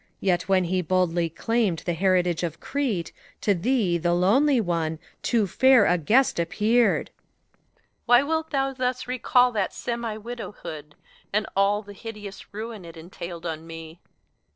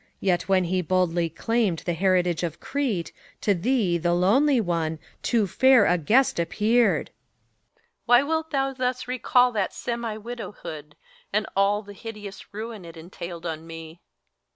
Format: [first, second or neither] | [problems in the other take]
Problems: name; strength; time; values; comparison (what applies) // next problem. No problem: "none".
second | noise reduction (neural separator model SepFormer DNS4)